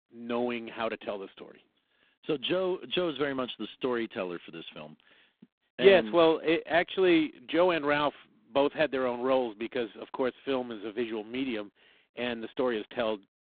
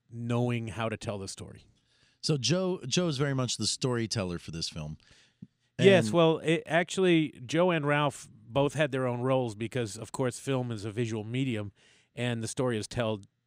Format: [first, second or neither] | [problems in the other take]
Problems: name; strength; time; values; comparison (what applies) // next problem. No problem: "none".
second | phone-call audio; poor line